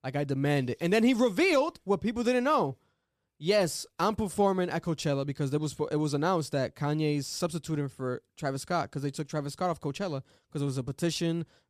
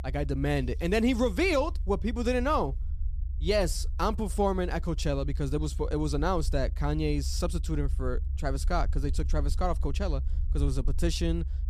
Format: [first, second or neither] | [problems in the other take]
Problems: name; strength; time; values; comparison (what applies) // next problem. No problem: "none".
first | low rumble; faint; throughout; 25 dB below the speech